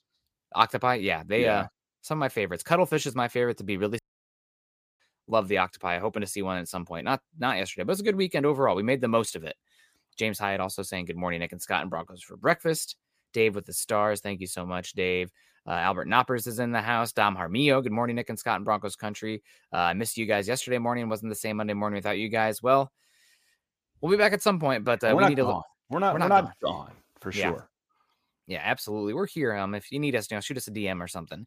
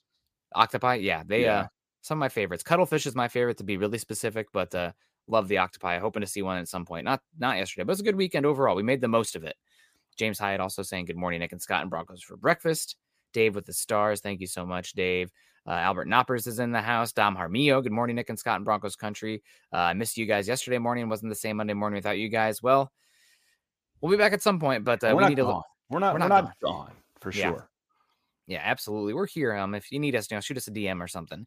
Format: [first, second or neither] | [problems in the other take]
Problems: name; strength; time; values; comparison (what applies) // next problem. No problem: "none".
second | audio cutting out; at 4 s for 1 s